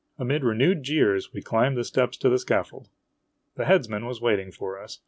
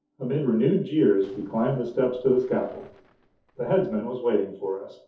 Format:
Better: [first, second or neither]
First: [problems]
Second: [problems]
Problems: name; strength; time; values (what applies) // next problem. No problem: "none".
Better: first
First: none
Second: noise reduction (neural separator model SepFormer DNS4)